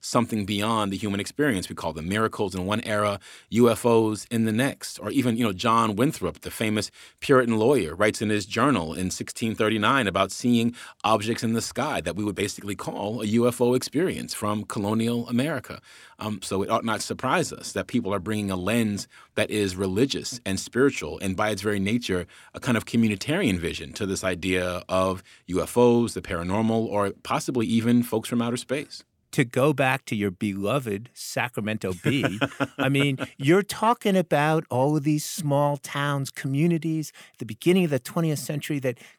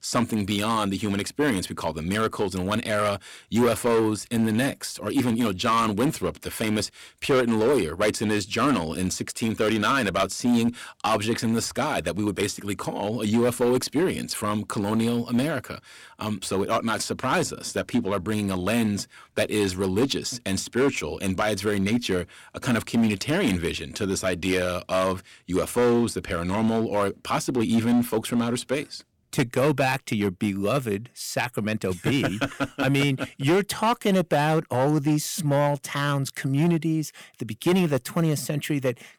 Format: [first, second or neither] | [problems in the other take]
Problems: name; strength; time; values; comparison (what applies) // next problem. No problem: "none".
first | distortion; slight; 6% of the sound clipped